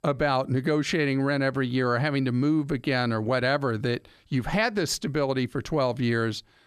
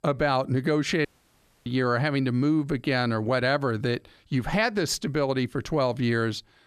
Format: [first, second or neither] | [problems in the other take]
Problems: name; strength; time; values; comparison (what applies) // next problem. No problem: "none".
first | audio cutting out; at 1 s for 0.5 s